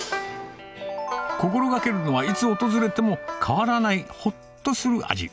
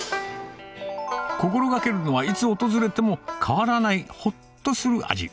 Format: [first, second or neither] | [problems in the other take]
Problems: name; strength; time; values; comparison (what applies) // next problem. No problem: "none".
second | background sound (Wind instrument, woodwind instrument); 15 dB below the speech